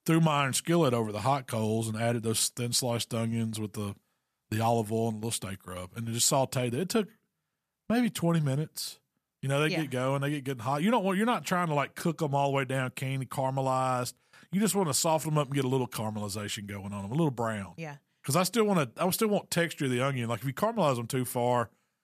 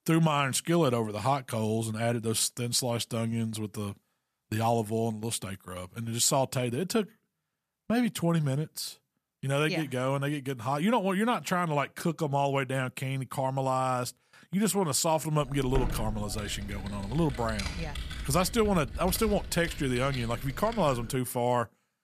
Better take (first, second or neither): first